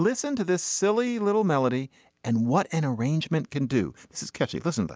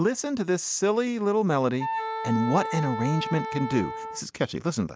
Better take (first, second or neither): first